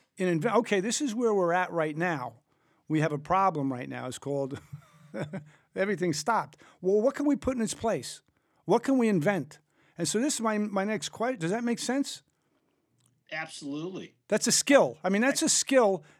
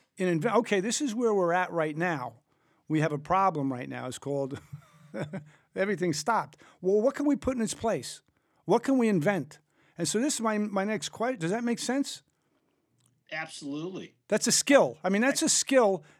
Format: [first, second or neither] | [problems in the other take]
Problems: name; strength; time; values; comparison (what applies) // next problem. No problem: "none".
neither | none